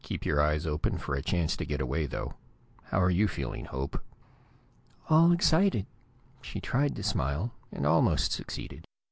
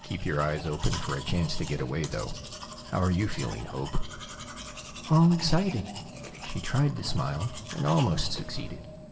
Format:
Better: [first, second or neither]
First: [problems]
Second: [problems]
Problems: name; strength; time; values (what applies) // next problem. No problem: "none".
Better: first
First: none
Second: background sound (Domestic sounds, home sounds); 13 dB below the speech // room echo; dies away in 1.9 s